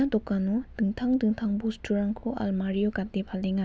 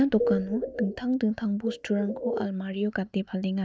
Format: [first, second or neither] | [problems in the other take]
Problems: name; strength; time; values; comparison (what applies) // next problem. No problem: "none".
first | noise reduction (neural mask model DeepFilterNet 3)